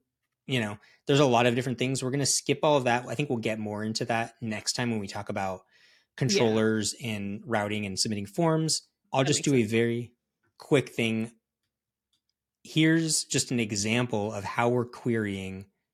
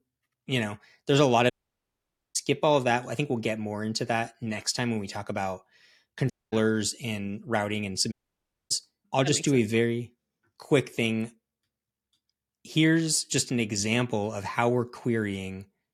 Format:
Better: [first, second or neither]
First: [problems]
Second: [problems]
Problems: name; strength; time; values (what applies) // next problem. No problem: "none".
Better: first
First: none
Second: audio cutting out; at 1.5 s for 1 s, at 6.5 s and at 8 s for 0.5 s